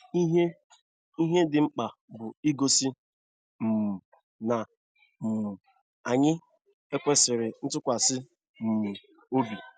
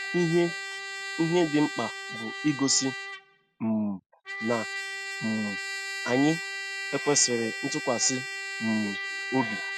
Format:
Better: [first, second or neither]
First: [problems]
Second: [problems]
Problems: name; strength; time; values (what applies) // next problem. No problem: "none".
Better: first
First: none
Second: background sound (Trumpet); 6 dB below the speech